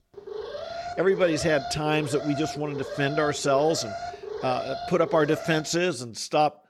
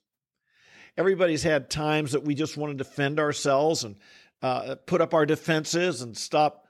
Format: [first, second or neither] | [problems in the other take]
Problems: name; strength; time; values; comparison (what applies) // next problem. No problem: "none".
second | alarm; noticeable; until 5.5 s; peak 9 dB below the speech